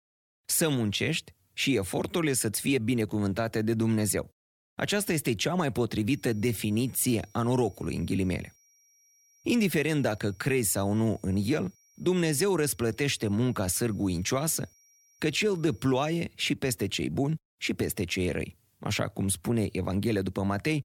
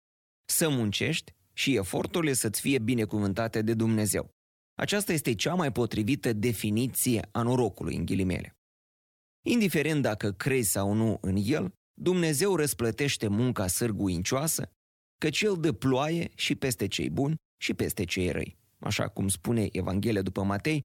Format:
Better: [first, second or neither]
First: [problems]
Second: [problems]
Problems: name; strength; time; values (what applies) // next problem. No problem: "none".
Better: second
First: high-pitched whine; faint; from 6 to 16 s; 5.5 kHz, 30 dB below the speech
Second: none